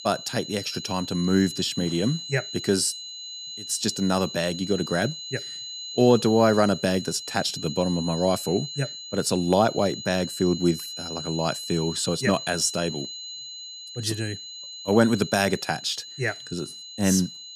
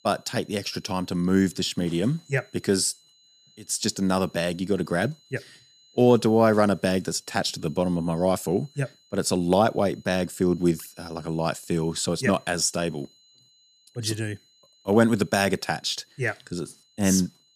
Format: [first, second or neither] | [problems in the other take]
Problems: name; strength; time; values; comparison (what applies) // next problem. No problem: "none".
second | high-pitched whine; loud; throughout; 4 kHz, 10 dB below the speech; faint in the second